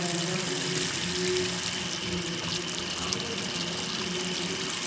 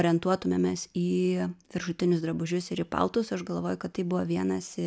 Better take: second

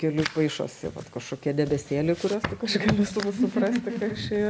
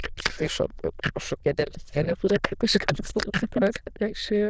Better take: first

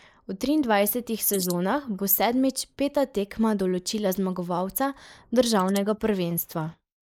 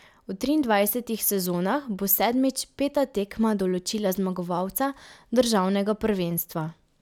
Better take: second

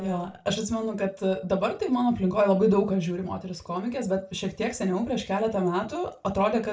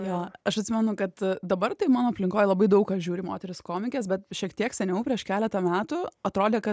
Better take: second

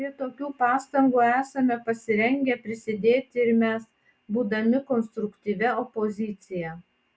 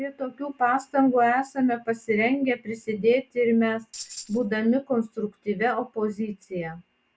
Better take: first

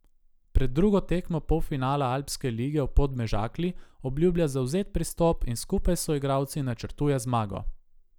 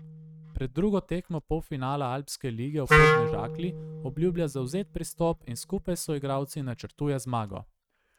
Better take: first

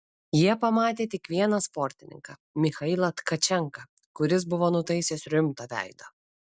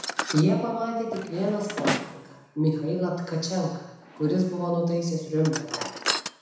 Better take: first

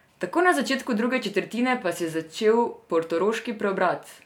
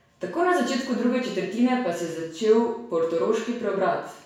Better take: first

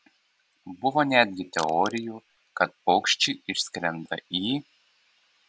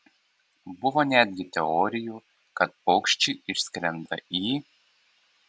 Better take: second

